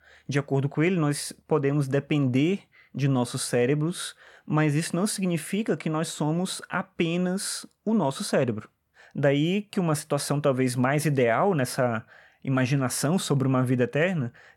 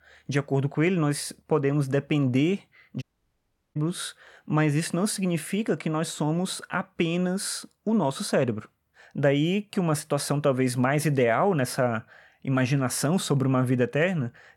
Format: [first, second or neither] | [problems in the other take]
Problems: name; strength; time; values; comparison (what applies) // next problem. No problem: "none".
first | audio cutting out; at 3 s for 0.5 s